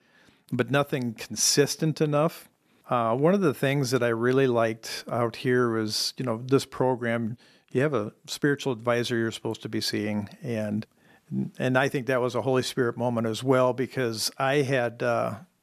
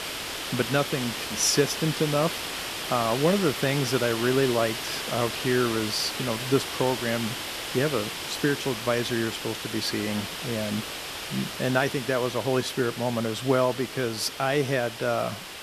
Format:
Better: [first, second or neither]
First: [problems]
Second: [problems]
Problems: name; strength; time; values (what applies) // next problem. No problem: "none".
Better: first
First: none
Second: hiss; loud; throughout; 5 dB below the speech